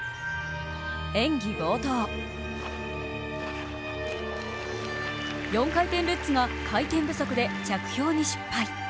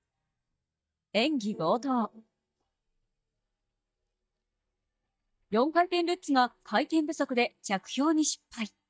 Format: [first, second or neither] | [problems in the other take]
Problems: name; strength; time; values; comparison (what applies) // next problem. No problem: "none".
first | noise reduction (neural mask model DeepFilterNet 3)